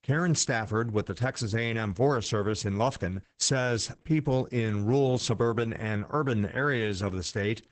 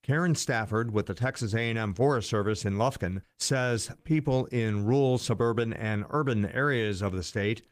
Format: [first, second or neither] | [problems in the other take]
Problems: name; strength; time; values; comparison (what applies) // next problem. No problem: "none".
second | garbled, watery; badly; nothing above 8 kHz; slightly in the second